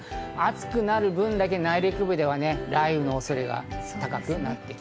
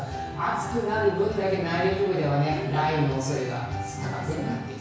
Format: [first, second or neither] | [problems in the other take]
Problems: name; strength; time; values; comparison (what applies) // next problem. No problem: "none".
first | room echo; dies away in 1.1 s